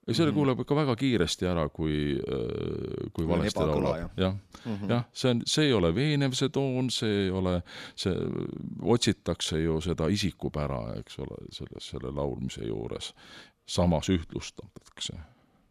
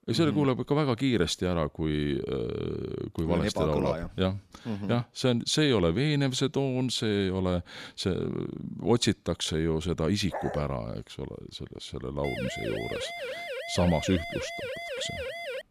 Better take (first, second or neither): first